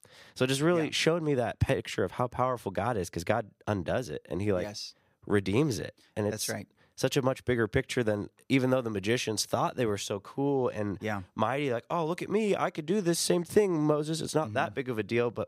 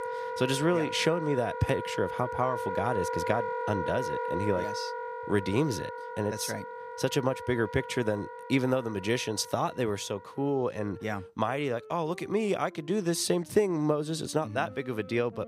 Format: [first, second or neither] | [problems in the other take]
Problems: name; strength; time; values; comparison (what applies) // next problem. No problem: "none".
first | background music; loud; throughout; 7 dB below the speech